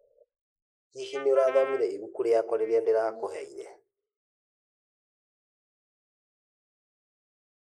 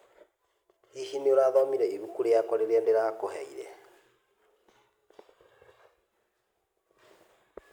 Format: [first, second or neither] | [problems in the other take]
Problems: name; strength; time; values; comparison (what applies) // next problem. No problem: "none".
second | noise reduction (neural mask model Resemble Enhance denoiser)